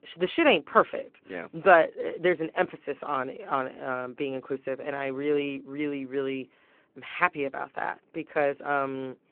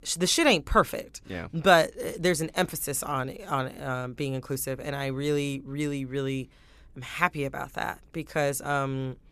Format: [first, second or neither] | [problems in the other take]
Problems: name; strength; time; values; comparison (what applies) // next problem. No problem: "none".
second | phone-call audio